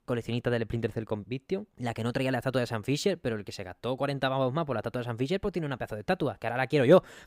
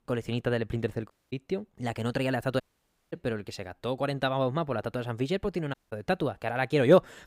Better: first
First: none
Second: audio cutting out; at 1 s, at 2.5 s for 0.5 s and at 5.5 s

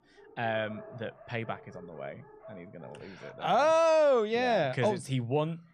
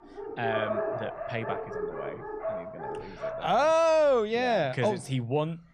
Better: first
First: animal sounds; faint; throughout; 25 dB below the speech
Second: animal sounds; loud; throughout; 8 dB below the speech

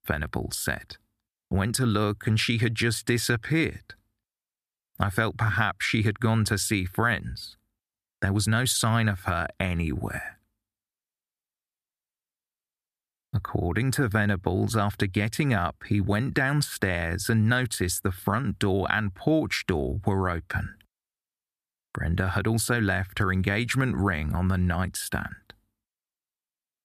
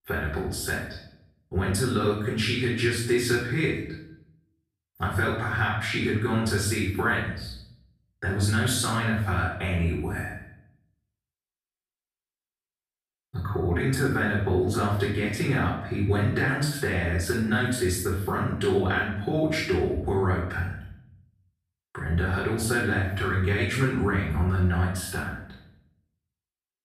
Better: first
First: none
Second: off-mic speech; far // room echo; noticeable; dies away in 0.6 s

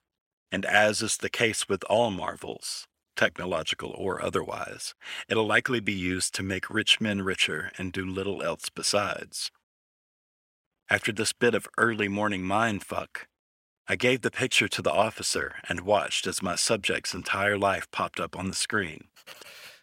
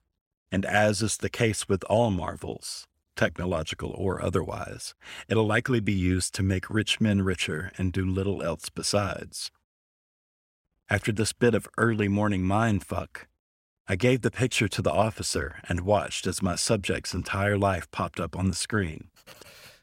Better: second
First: thin; very slightly; fading below 750 Hz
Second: none

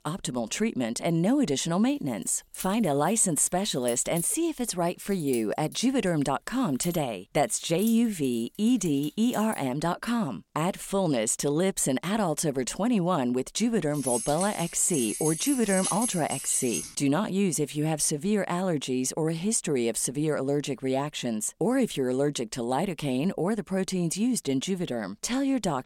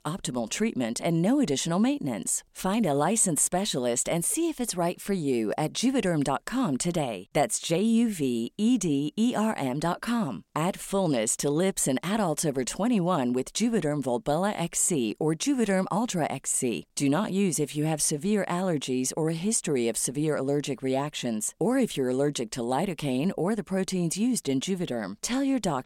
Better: second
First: jangling keys; noticeable; from 2.5 to 9.5 s and from 14 to 17 s; peak 1 dB below the speech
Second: none

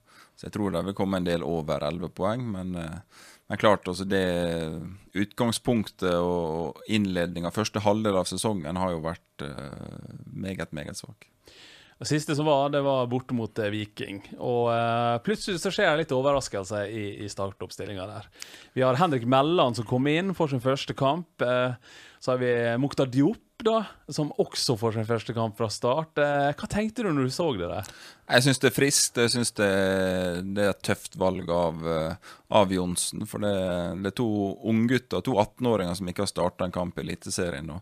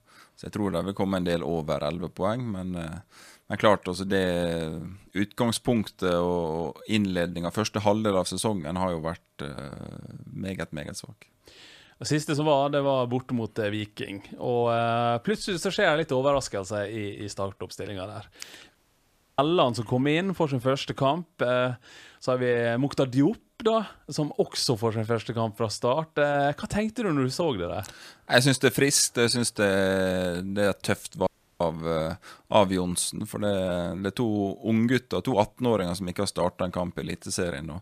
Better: first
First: none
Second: audio cutting out; at 19 s for 0.5 s and at 31 s

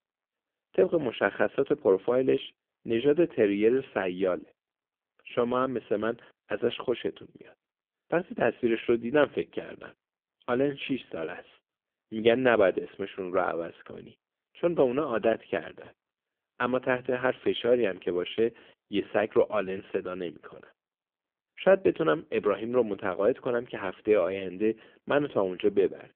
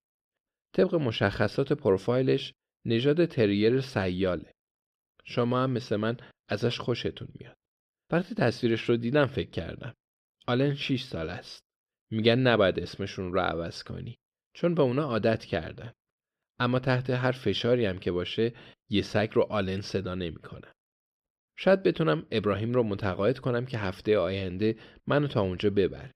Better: second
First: phone-call audio; poor line; nothing above 3.5 kHz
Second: none

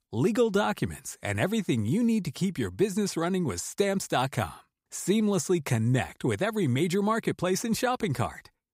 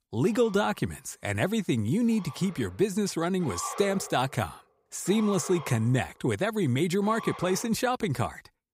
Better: first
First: none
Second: siren; noticeable; until 7.5 s; peak 9 dB below the speech

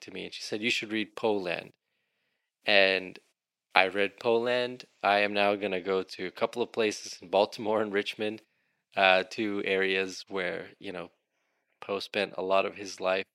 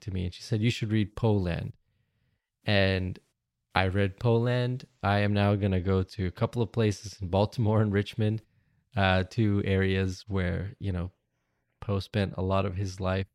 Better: second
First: thin; very; fading below 300 Hz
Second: none

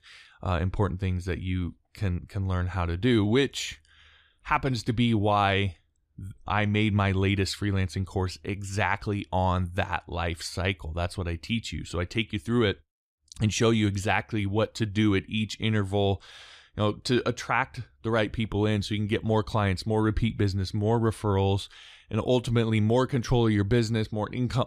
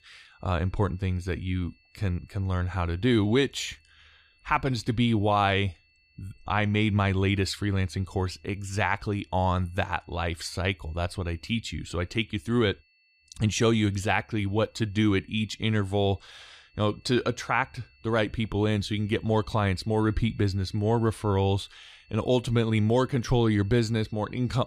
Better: first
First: none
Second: high-pitched whine; faint; throughout; 2.5 kHz, 35 dB below the speech

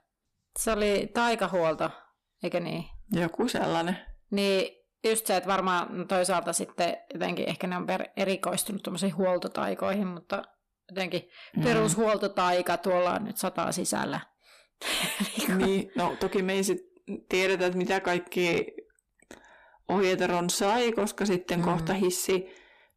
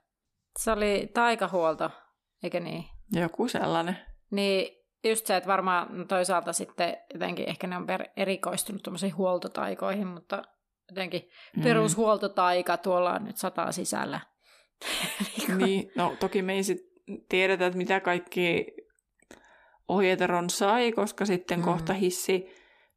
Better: second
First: distortion; slight; 10 dB below the speech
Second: none

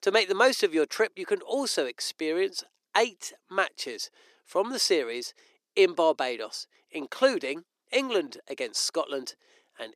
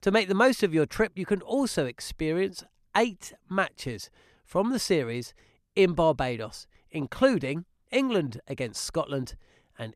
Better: second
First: thin; somewhat; fading below 350 Hz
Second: none

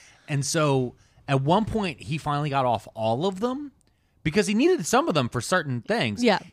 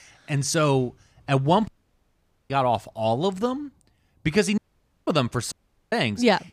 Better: first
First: none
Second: audio cutting out; at 1.5 s for 1 s, at 4.5 s and at 5.5 s

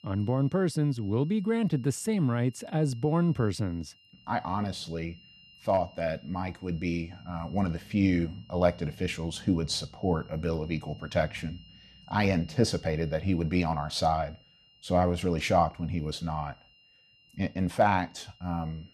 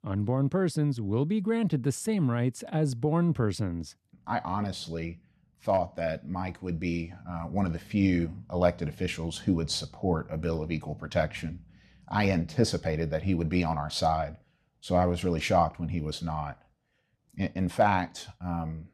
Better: second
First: high-pitched whine; faint; throughout; 3 kHz, 25 dB below the speech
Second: none

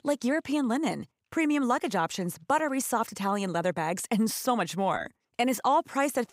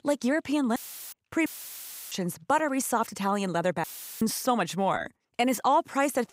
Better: first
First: none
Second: audio cutting out; filled with static; at 1 s, at 1.5 s for 0.5 s and at 4 s

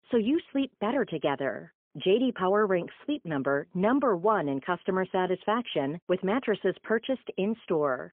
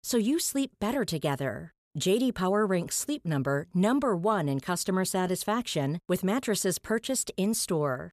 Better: second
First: phone-call audio; poor line; nothing above 3.5 kHz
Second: none

